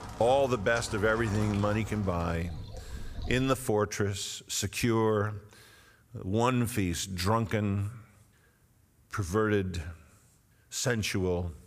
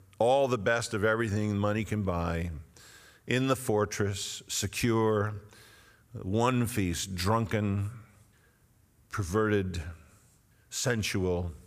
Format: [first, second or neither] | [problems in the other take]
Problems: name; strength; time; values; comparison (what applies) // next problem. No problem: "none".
second | rain or running water; noticeable; until 3.5 s; 10 dB below the speech